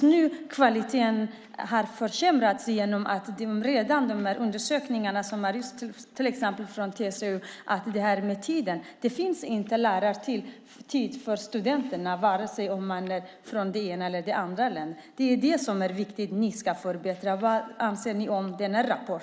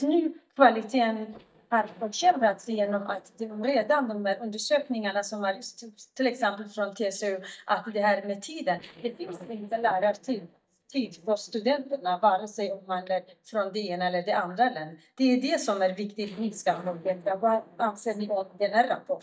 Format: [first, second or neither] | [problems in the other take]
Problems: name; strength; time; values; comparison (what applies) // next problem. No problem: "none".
first | noise reduction (neural mask model DeepFilterNet 3)